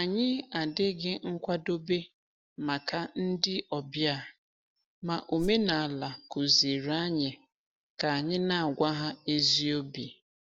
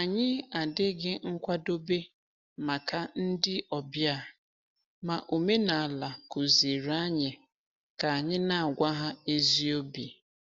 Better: second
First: background sound (Whoosh, swoosh, swish); 10 dB below the speech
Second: none

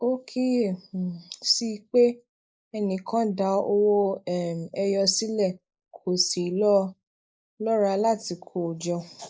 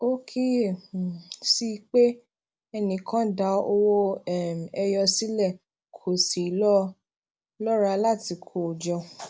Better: second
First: noise reduction (neural mask model Resemble Enhance denoiser)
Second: none

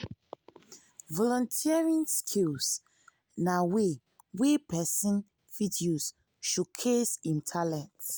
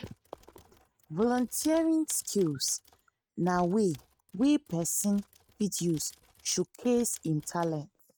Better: first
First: none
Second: noise reduction (neural mask model RNNoise)

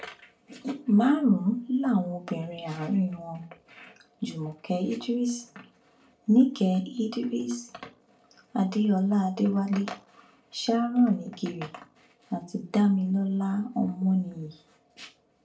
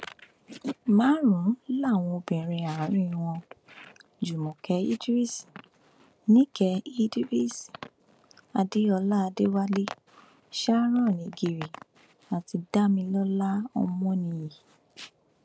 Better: second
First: room echo; dies away in 0.3 s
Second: none

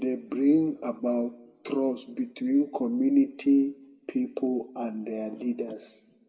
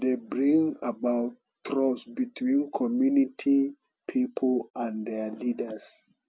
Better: second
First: room echo; dies away in 0.9 s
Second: none

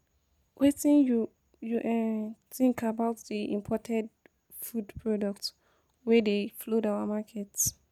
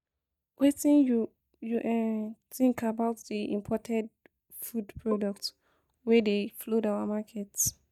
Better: first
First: none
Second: noise reduction (neural mask model DeepFilterNet 3)

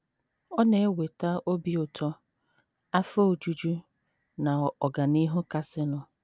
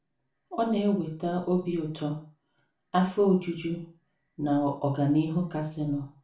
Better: first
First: none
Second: room echo; dies away in 0.3 s

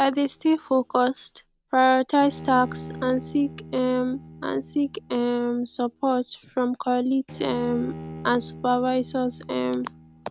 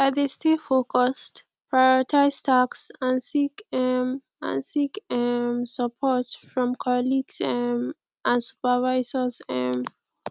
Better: second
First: background sound (Bowed string instrument); 17 dB below the speech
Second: none

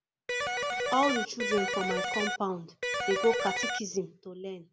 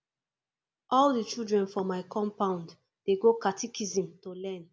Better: second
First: background sound (Electric guitar); 1 dB above the speech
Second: none

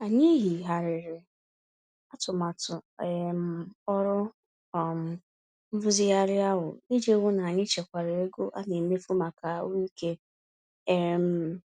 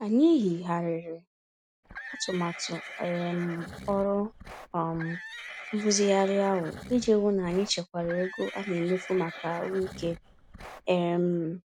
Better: first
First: none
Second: background sound (Livestock, farm animals, working animals); 14 dB below the speech

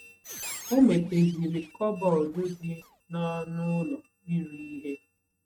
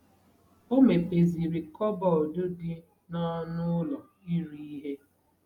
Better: second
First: noise reduction (neural mask model RNNoise)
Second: none

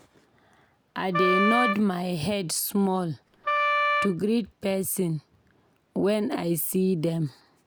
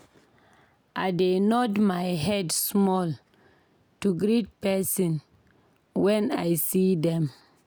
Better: second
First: background sound (Wind instrument, woodwind instrument); 1 dB above the speech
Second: none

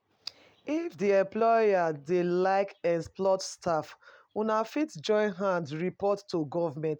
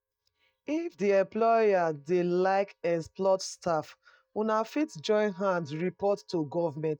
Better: first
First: none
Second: noise reduction (neural mask model DeepFilterNet 3)

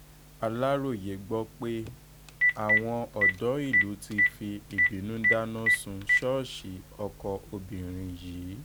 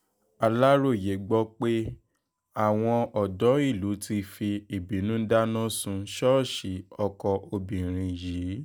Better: second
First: background sound (Telephone); 2 dB above the speech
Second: none

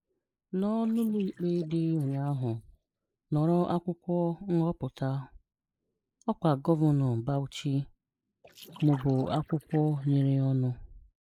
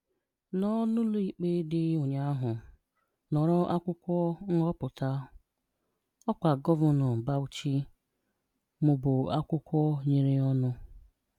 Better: second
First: noise reduction (neural mask model Resemble Enhance denoiser)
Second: none

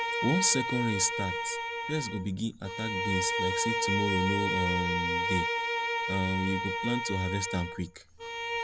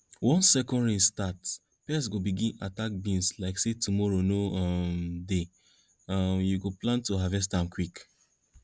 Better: second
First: background sound (Bowed string instrument); as loud as the speech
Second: none

